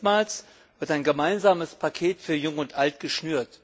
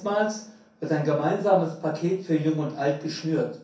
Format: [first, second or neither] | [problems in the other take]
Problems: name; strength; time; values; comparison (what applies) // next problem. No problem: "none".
first | room echo; dies away in 0.6 s